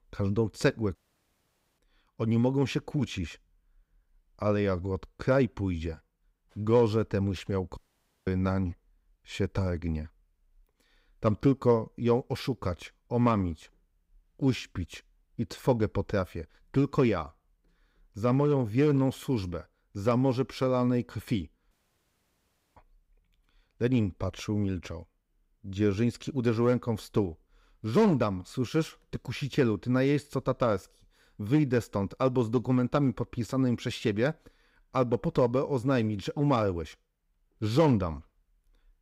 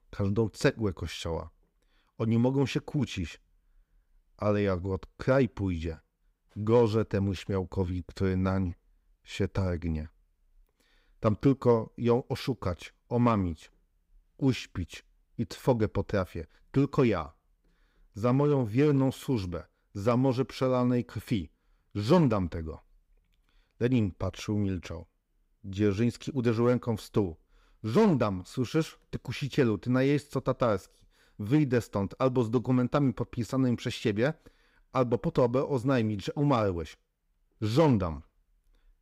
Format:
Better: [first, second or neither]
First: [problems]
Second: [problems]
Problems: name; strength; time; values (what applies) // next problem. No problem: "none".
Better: second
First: audio cutting out; at 1 s for 1 s, at 8 s for 0.5 s and at 22 s for 1 s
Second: none